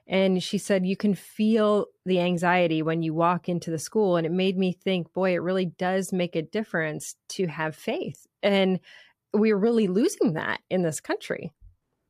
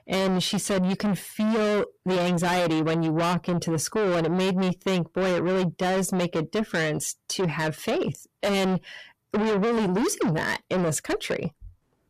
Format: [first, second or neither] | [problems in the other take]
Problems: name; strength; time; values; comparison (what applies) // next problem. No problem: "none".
first | distortion; heavy; 6 dB below the speech